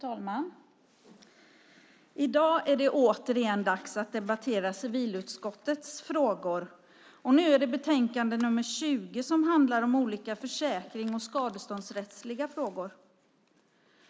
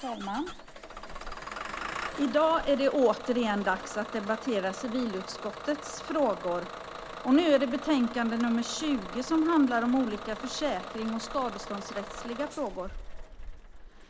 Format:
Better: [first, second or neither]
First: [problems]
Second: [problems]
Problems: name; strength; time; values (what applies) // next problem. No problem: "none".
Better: first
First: none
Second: background sound (Engine starting / Bus); 11 dB below the speech